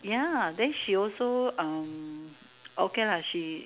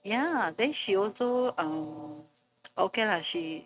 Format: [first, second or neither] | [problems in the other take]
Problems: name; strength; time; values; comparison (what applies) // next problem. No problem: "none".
first | noise reduction (neural mask model RNNoise)